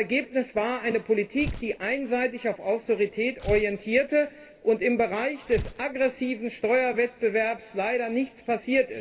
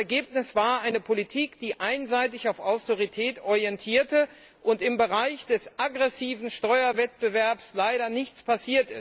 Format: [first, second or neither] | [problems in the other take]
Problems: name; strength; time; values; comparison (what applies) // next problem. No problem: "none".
second | background sound (Tearing); 14 dB below the speech // room echo; dies away in 2.8 s